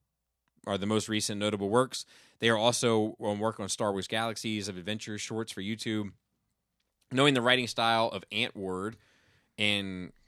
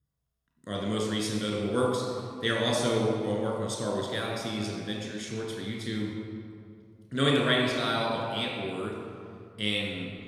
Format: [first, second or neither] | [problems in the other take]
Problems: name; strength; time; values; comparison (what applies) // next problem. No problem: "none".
first | off-mic speech; somewhat distant // room echo; noticeable; dies away in 2.1 s